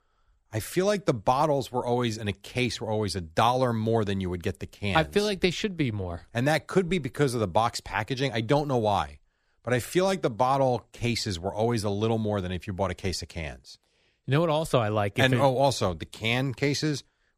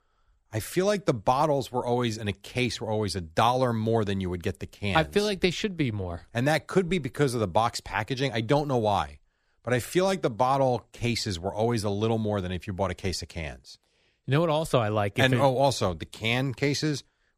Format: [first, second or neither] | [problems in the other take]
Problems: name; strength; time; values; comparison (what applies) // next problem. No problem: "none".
neither | none